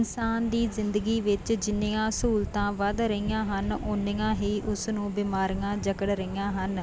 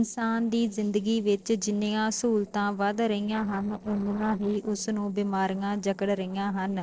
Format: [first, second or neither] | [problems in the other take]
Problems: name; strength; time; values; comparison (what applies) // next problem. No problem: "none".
first | noise reduction (neural separator model SepFormer DNS4)